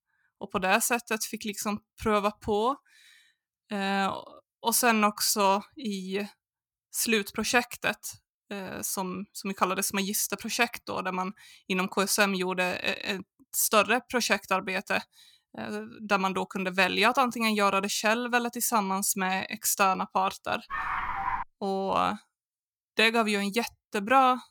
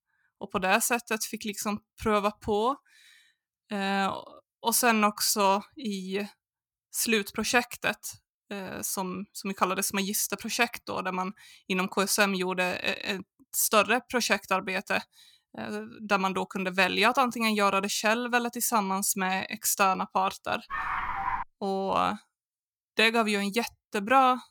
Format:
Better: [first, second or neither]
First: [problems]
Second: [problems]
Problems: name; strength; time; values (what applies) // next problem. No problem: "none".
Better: neither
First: dog barking; noticeable; at 21 s; peak 4 dB below the speech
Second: dog barking; noticeable; at 21 s; peak 4 dB below the speech